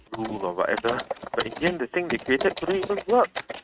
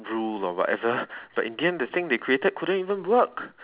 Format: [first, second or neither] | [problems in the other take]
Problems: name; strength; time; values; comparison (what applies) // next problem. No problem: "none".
second | noise reduction (neural mask model RNNoise)